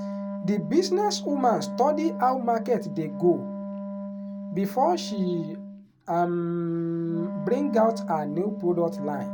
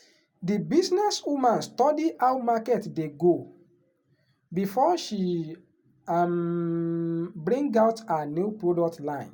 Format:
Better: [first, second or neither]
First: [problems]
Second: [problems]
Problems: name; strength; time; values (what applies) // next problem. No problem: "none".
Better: second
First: background sound (Wind instrument, woodwind instrument); 8 dB below the speech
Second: none